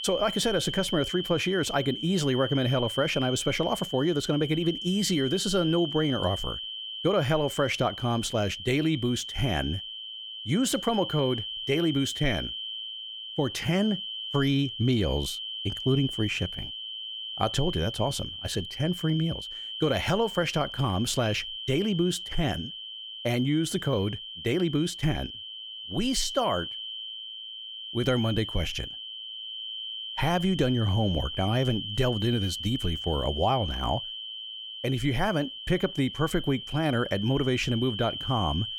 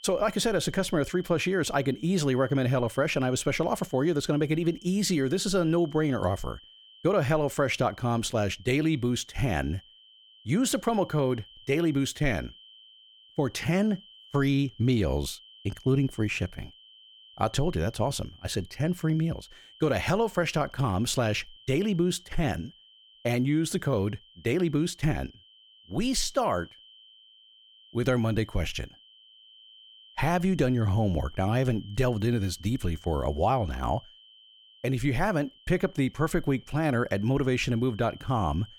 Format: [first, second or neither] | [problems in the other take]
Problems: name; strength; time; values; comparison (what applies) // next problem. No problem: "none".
second | high-pitched whine; loud; throughout; 3 kHz, 7 dB below the speech; faint in the second